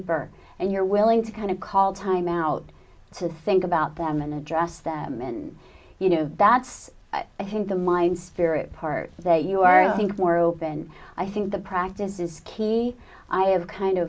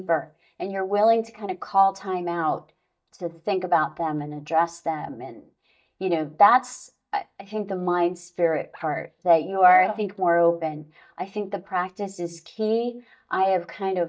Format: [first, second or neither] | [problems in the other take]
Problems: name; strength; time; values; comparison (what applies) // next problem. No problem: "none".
first | noise reduction (neural mask model DeepFilterNet 3)